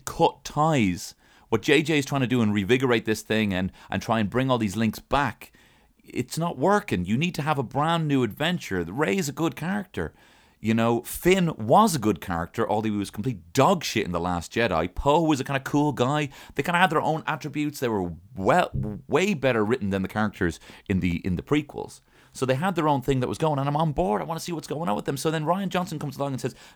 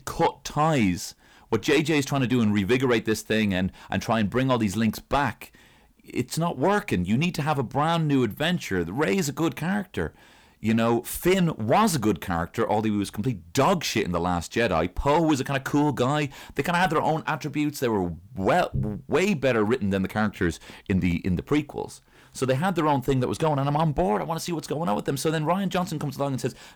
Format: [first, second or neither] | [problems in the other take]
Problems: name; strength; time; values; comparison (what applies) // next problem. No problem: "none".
first | distortion; slight; 10 dB below the speech